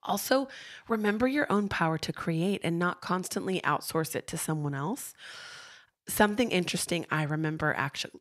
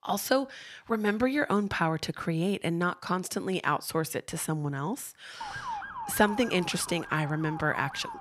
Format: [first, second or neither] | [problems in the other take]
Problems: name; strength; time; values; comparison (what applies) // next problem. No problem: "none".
first | siren; noticeable; from 5.5 s on; peak 7 dB below the speech